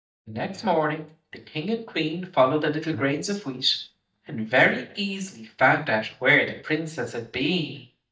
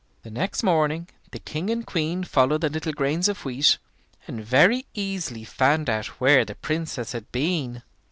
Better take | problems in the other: second | noise reduction (neural mask model DeepFilterNet 3)

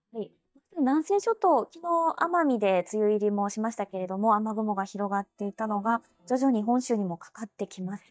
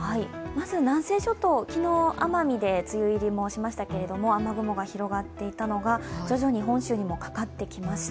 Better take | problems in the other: second | noise reduction (neural mask model DeepFilterNet 3)

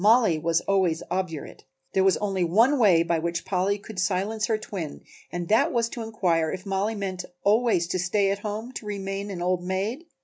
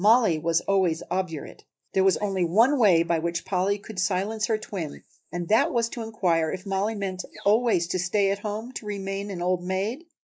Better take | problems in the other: first | noise reduction (neural mask model Resemble Enhance denoiser)

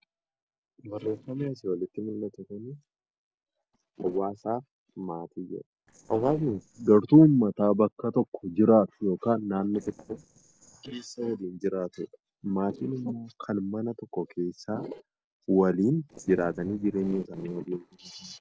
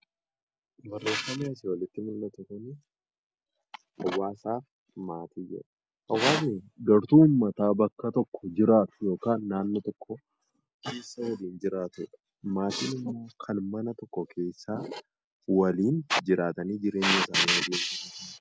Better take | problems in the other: second | noise reduction (neural separator model SepFormer DNS4)

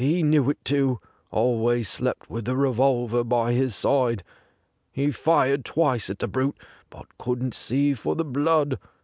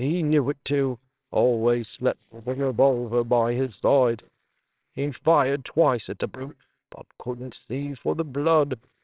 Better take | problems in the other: first | noise reduction (neural separator model SepFormer WHAMR!)

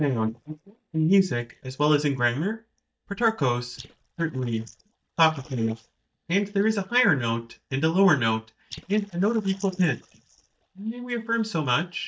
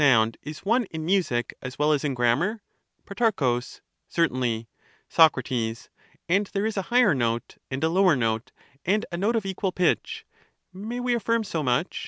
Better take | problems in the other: second | noise reduction (neural mask model DeepFilterNet 3)

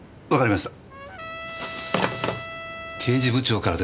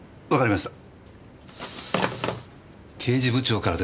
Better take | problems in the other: second | background sound (Trumpet); 11 dB below the speech

